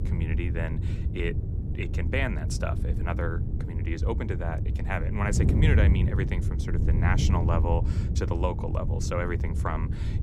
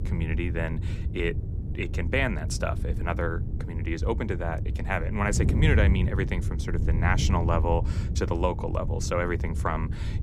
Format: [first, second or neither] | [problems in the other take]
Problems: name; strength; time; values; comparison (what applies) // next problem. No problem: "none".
second | wind noise on the microphone; heavy; 7 dB below the speech; occasional gusts in the second